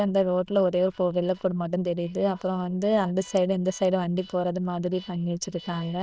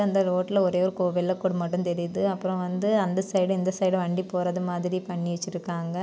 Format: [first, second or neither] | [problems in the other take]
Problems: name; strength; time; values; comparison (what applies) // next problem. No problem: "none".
second | noise reduction (neural diffusion model UNIVERSE++)